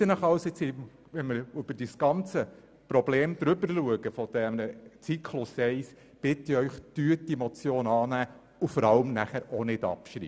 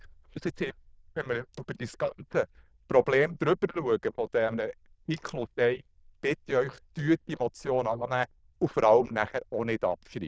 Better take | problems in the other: first | noise reduction (neural diffusion model UNIVERSE++)

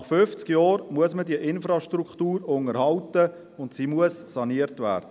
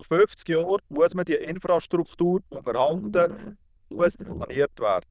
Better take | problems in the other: first | noise reduction (neural diffusion model UNIVERSE++)

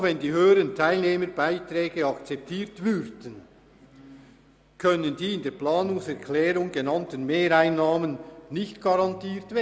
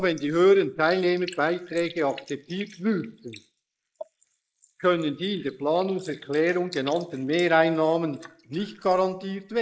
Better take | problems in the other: first | noise reduction (neural mask model Resemble Enhance denoiser)

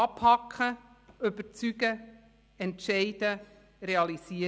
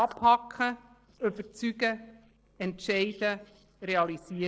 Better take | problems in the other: first | noise reduction (neural separator model SepFormer DNS4)

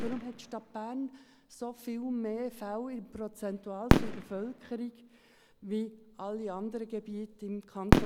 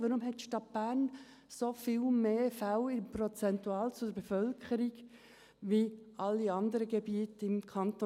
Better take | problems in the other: second | background sound (Fireworks); 4 dB above the speech

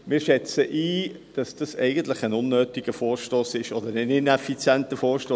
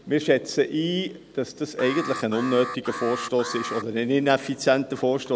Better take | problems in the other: first | background sound (Alarm); 11 dB below the speech

